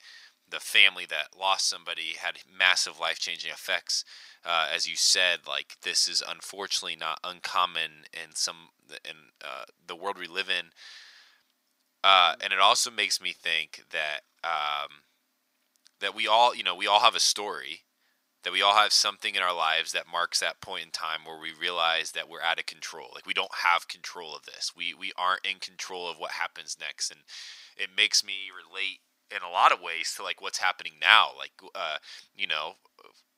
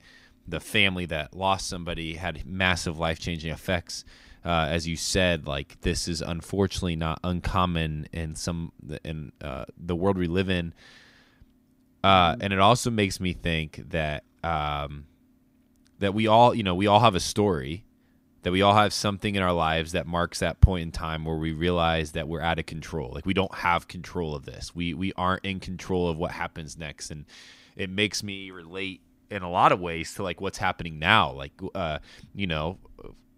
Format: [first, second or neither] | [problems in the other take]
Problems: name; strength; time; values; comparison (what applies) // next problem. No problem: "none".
second | thin; very; fading below 1 kHz